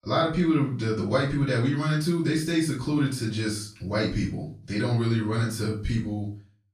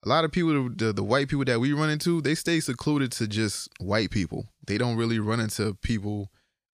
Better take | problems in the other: second | room echo; slight; dies away in 0.3 s // off-mic speech; far

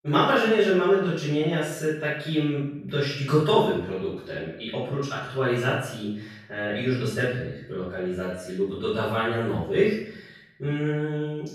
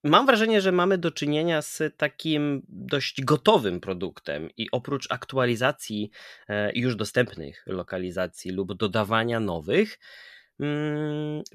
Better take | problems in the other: second | off-mic speech; far // room echo; strong; dies away in 0.7 s

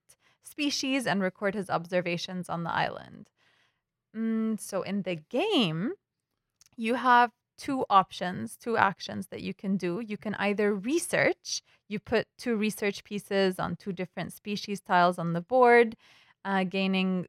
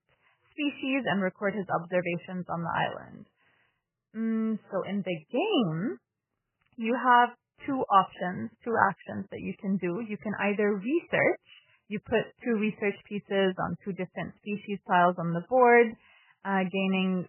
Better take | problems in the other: first | garbled, watery; badly; nothing above 3 kHz

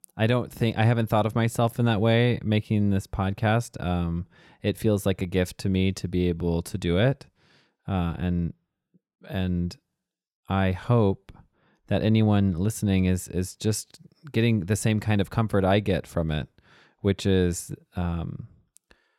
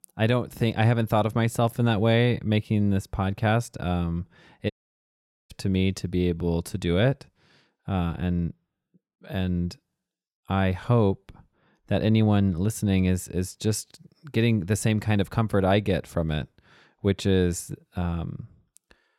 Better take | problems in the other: first | audio cutting out; at 4.5 s for 1 s

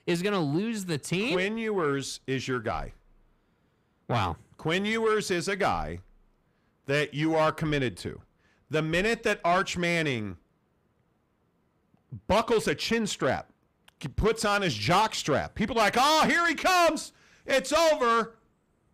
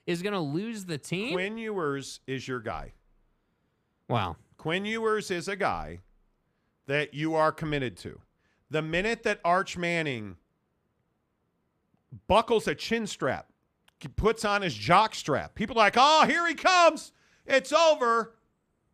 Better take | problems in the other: second | distortion; heavy; 8 dB below the speech

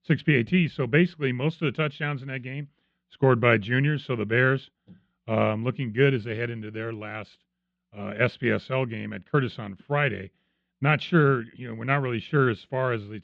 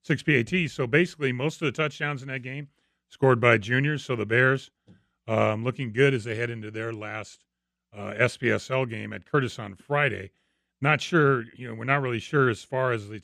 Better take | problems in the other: second | muffled; slightly; fading above 3.5 kHz

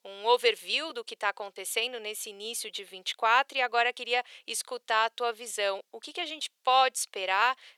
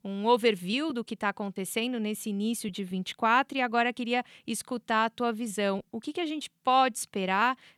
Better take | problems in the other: second | thin; very; fading below 500 Hz

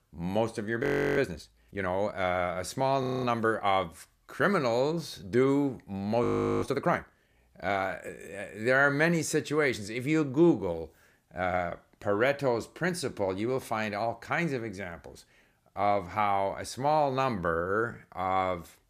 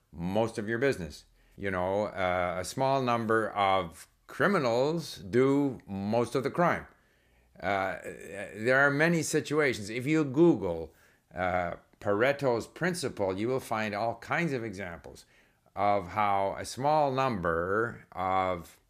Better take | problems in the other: second | audio freezing; at 1 s, at 3 s and at 6 s

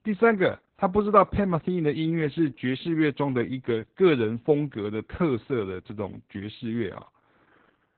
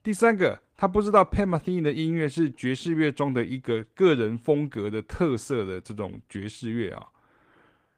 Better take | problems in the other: second | garbled, watery; badly; nothing above 4 kHz; slightly in the second

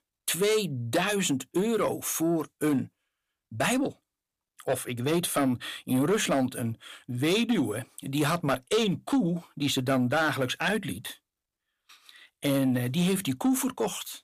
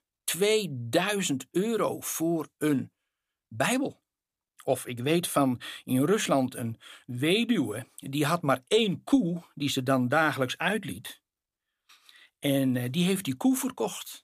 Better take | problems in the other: second | distortion; slight; 10 dB below the speech

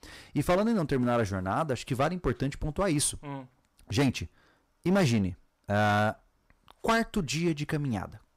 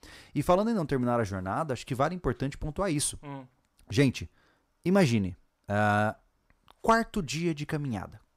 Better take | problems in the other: second | distortion; slight; 5% of the sound clipped

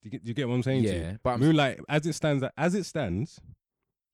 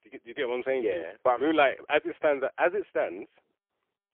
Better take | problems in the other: first | phone-call audio; poor line; nothing above 3.5 kHz

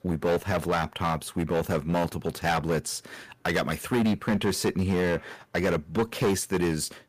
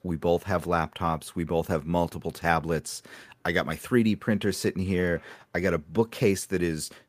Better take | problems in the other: second | distortion; heavy; 10% of the sound clipped

